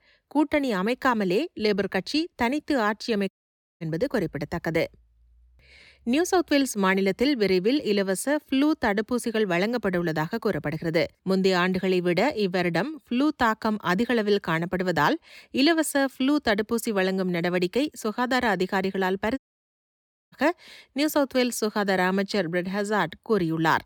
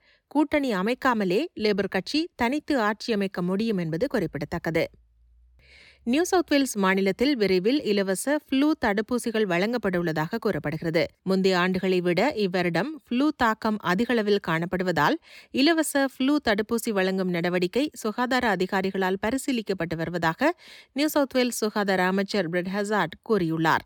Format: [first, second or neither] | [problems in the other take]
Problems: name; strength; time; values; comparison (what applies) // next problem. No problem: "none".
second | audio cutting out; at 3.5 s for 0.5 s and at 19 s for 1 s